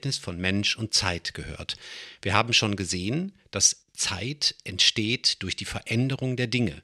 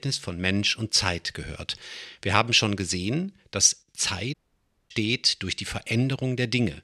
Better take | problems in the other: first | audio cutting out; at 4.5 s for 0.5 s

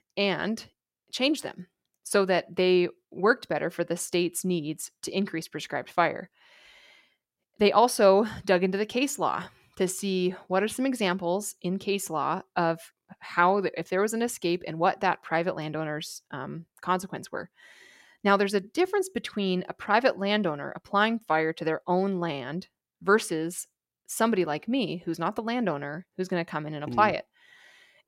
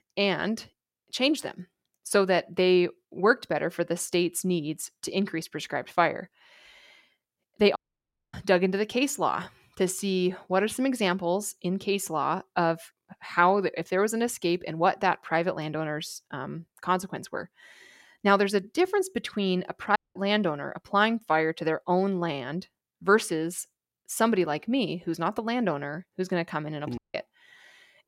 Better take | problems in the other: first | audio cutting out; at 8 s for 0.5 s, at 20 s and at 27 s

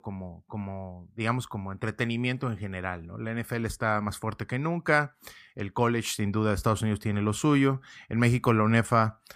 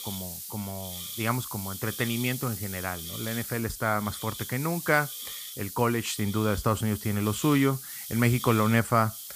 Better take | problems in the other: first | hiss; loud; throughout; 8 dB below the speech

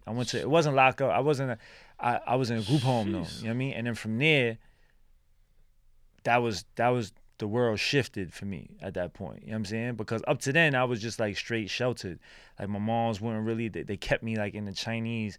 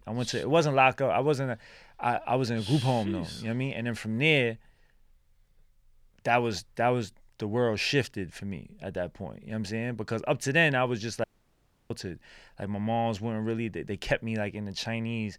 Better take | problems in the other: first | audio cutting out; at 11 s for 0.5 s

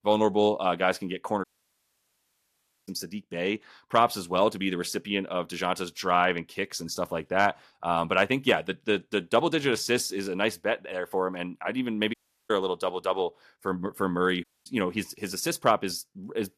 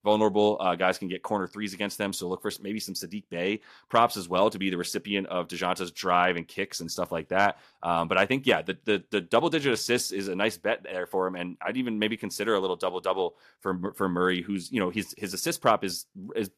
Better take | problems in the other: second | audio cutting out; at 1.5 s for 1.5 s, at 12 s and at 14 s

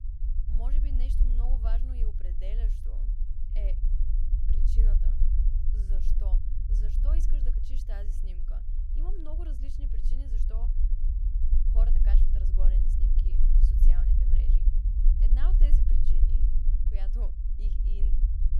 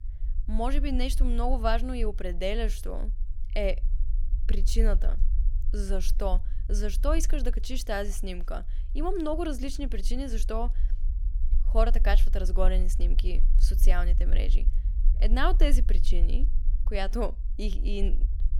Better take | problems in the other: second | low rumble; loud; throughout; 1 dB below the speech; faint in the second

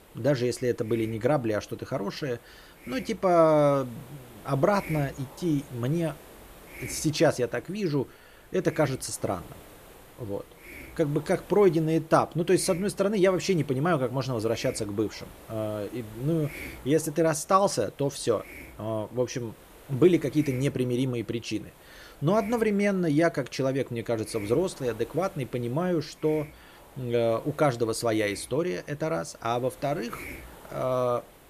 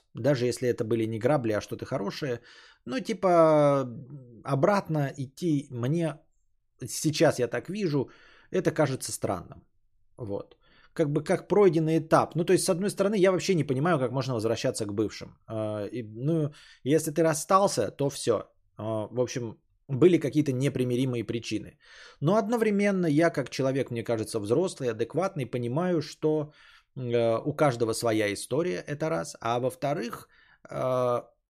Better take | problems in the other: second | hiss; faint; throughout; 20 dB below the speech

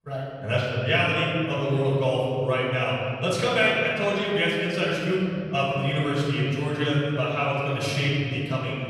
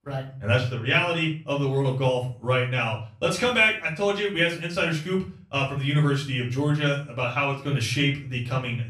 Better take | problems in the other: second | room echo; strong; dies away in 2.6 s; slight in the second // off-mic speech; far; far in the second

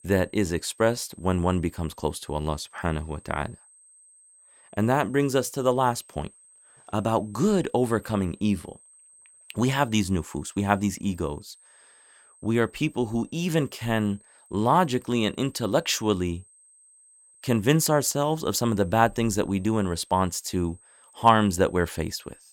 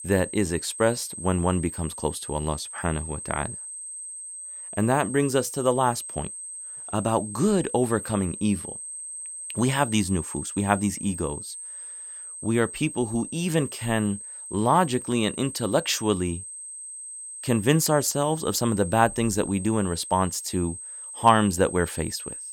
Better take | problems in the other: first | high-pitched whine; loud; throughout; 8.5 kHz, 10 dB below the speech; faint in the first

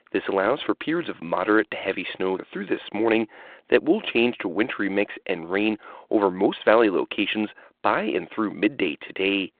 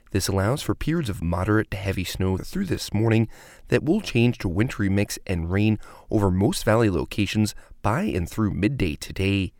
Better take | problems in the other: second | phone-call audio

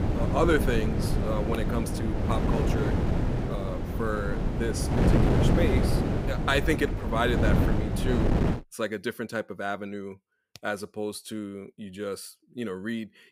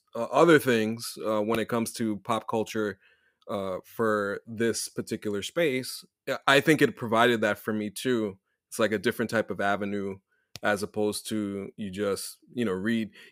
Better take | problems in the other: second | wind noise on the microphone; heavy; until 8.5 s; 1 dB below the speech

